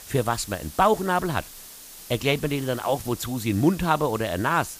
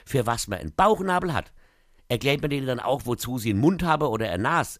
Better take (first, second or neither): second